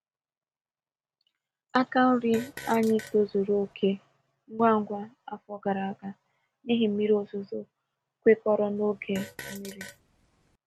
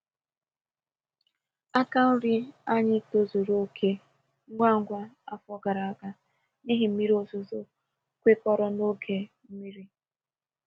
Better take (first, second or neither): second